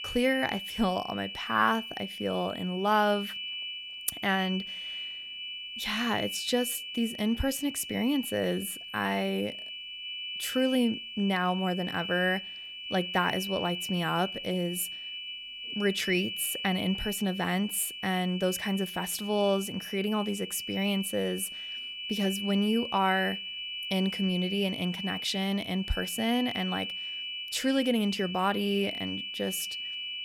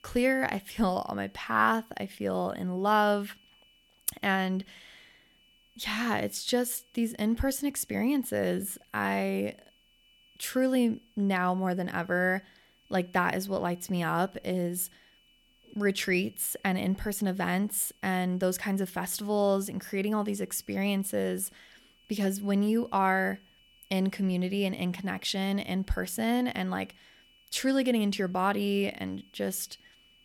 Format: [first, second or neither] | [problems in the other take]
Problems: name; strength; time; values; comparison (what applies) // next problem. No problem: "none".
second | high-pitched whine; loud; throughout; 3 kHz, 6 dB below the speech; faint in the second